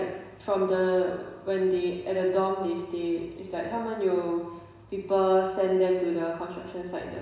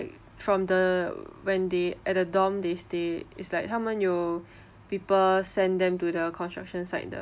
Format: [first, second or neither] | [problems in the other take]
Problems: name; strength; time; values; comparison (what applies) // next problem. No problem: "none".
second | room echo; dies away in 1 s